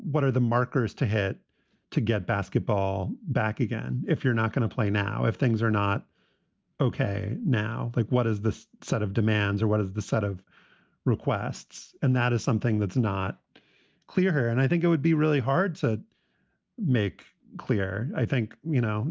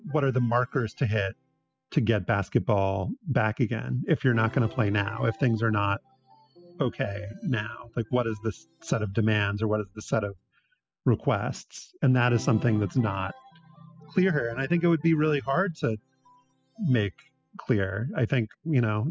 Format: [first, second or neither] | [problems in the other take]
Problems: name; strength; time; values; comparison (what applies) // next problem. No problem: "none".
first | noise reduction (classical method spectral subtraction)